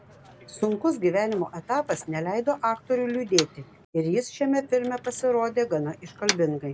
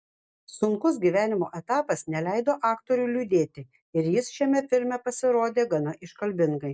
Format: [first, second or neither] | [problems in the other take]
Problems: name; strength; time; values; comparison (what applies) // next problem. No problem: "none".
second | background sound (Motor vehicle (road)); 12 dB below the speech